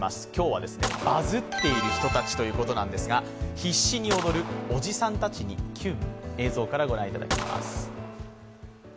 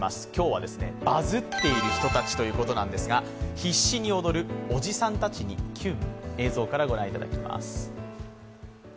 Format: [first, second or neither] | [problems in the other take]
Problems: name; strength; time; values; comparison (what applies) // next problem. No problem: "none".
second | background sound (Gunshot, gunfire); 9 dB below the speech